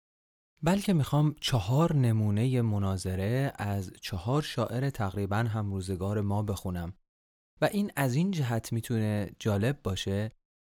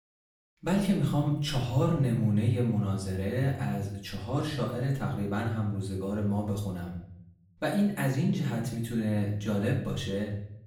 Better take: first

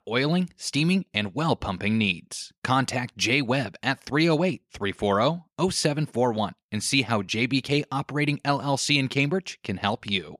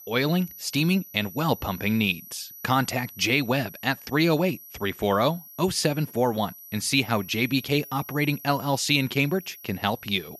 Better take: first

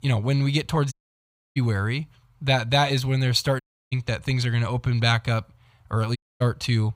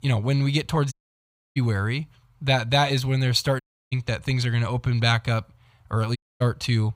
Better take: neither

